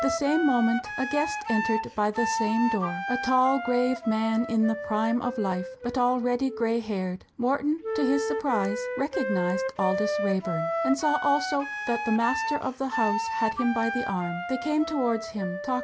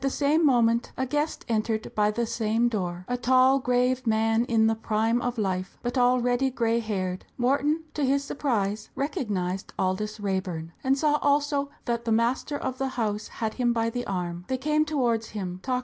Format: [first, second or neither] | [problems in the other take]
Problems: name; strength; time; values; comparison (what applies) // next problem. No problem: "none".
second | background sound (Wind instrument, woodwind instrument); 5 dB below the speech